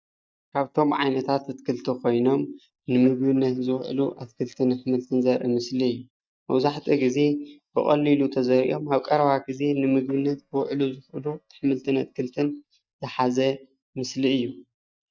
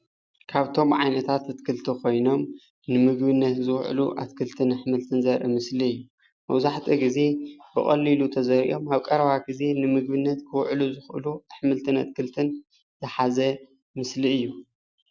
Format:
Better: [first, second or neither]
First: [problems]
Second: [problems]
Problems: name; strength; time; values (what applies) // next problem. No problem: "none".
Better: second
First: noise reduction (neural mask model DeepFilterNet 3)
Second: none